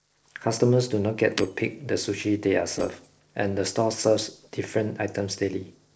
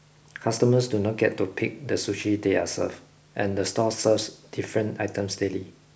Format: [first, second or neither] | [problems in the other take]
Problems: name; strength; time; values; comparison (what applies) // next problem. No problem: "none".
second | noise reduction (neural separator model SepFormer DNS4)